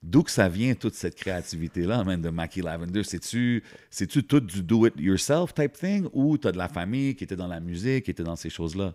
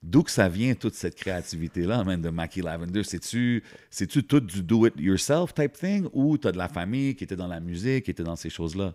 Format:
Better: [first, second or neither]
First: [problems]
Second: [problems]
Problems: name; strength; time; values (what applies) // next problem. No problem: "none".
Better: neither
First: none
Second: none